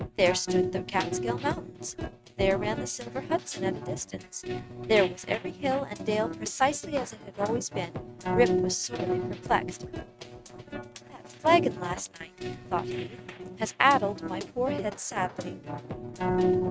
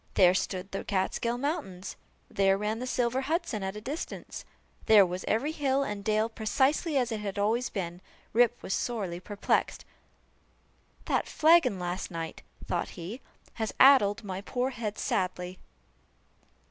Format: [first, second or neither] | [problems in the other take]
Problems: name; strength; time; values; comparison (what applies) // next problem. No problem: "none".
second | noise reduction (neural mask model RNNoise)